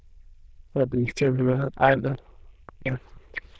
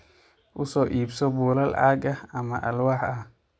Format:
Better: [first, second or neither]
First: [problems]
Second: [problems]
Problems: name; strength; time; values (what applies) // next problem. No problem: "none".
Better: second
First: noise reduction (neural diffusion model UNIVERSE++)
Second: none